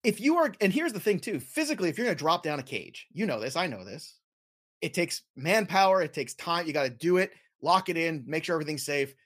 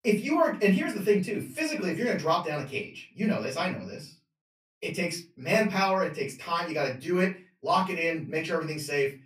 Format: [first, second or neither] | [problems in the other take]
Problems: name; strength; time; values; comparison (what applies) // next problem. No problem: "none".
first | off-mic speech; far // room echo; very slight; dies away in 0.3 s